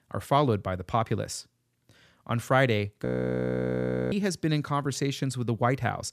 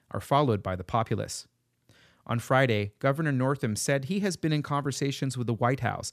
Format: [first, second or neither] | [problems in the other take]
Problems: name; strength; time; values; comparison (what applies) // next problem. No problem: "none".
second | audio freezing; at 3 s for 1 s